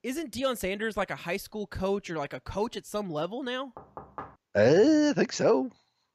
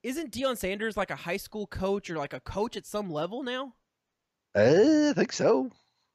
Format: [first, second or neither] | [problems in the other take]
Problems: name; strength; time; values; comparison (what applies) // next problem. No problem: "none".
second | door banging; faint; at 4 s; peak 15 dB below the speech